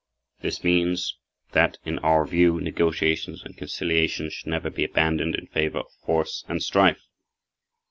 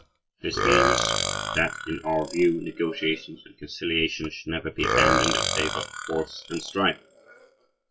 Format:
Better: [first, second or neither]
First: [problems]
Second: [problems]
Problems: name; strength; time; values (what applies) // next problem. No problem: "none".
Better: first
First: none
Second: noise reduction (classical method WPE with log-MMSE)